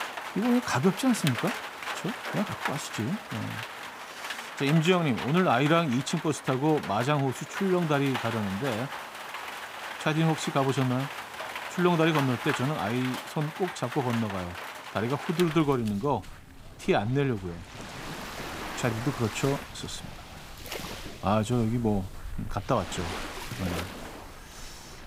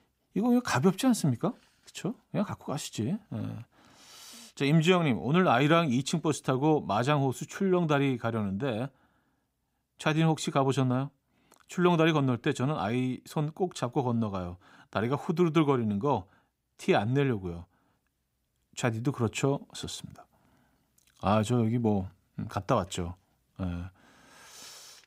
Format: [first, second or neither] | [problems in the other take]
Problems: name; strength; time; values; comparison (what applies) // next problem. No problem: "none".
second | rain or running water; loud; throughout; 9 dB below the speech